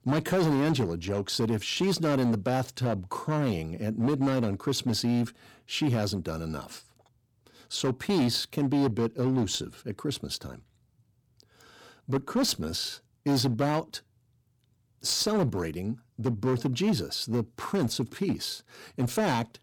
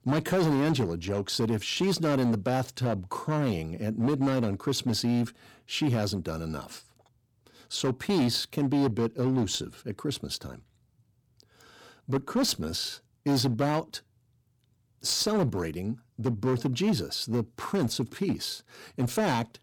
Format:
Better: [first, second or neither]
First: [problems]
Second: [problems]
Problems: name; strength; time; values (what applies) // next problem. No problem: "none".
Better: neither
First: distortion; slight; 9% of the sound clipped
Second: distortion; slight; 9% of the sound clipped